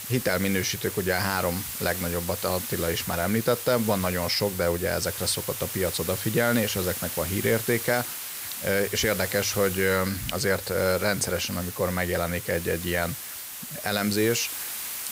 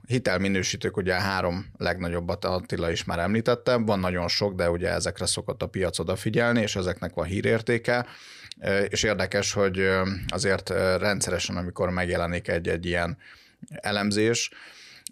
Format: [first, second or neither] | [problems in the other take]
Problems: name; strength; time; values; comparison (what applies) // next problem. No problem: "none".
second | hiss; loud; throughout; 6 dB below the speech